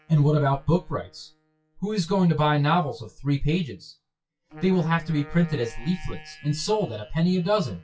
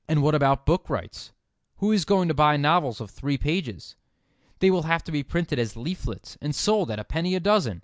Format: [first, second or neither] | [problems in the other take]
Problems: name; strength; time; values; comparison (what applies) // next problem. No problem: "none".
second | noise reduction (classical method WPE with log-MMSE)